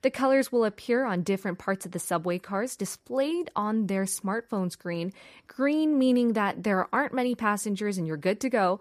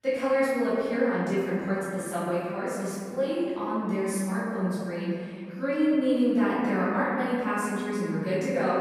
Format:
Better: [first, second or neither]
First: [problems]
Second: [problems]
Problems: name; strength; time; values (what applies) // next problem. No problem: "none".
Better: first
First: none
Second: off-mic speech; far // room echo; strong; dies away in 2.2 s